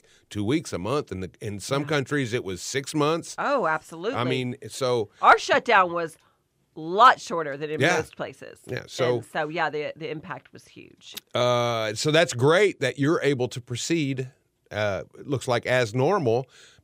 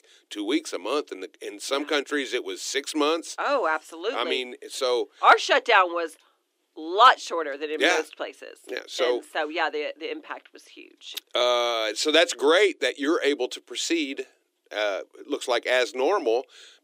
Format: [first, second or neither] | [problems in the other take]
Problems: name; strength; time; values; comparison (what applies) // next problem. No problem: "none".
first | thin; somewhat; fading below 300 Hz